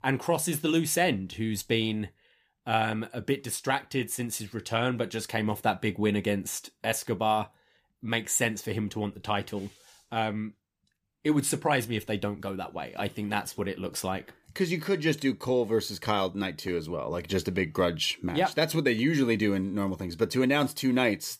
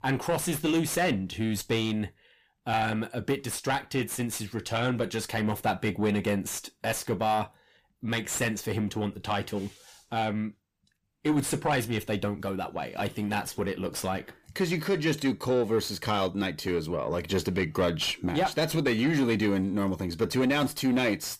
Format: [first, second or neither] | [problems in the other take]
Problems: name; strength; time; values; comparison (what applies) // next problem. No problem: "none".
first | distortion; slight; 10 dB below the speech